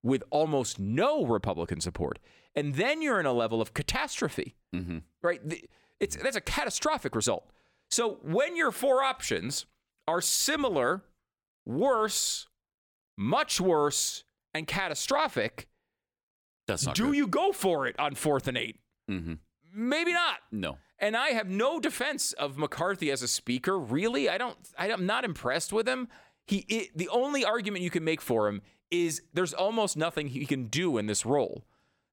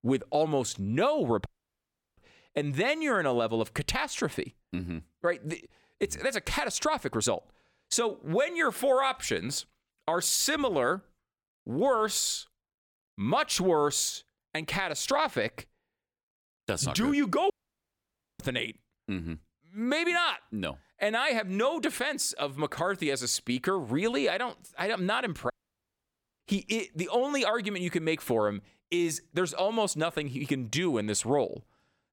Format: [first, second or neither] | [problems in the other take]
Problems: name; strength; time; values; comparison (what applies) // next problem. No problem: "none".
first | audio cutting out; at 1.5 s for 0.5 s, at 18 s for 1 s and at 26 s for 1 s